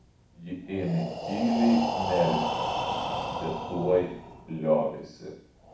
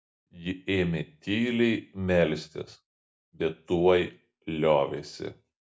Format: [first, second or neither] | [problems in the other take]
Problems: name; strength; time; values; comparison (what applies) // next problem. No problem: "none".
second | background sound (Breathing); 4 dB below the speech // room echo; dies away in 0.6 s